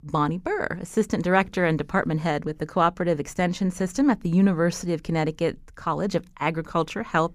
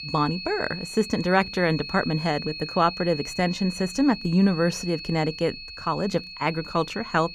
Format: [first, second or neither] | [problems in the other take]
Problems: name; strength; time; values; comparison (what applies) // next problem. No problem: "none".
first | high-pitched whine; loud; throughout; 4.5 kHz, 10 dB below the speech